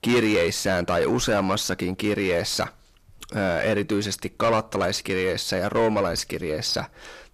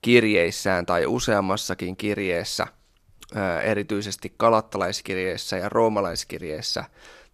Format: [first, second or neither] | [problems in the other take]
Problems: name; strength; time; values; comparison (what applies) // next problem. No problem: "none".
second | distortion; heavy; 7 dB below the speech